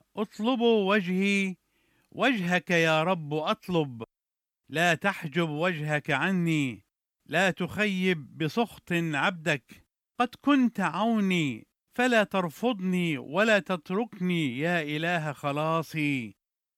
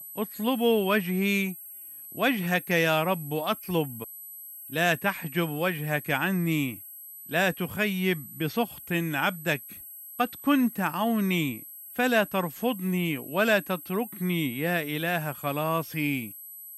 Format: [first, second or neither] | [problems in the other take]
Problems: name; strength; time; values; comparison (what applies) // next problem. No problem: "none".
first | high-pitched whine; noticeable; throughout; 11.5 kHz, 15 dB below the speech